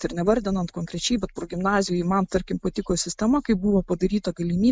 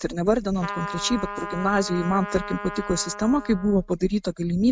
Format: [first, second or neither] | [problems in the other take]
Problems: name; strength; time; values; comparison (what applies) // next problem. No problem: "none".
first | background sound (Trumpet); 12 dB below the speech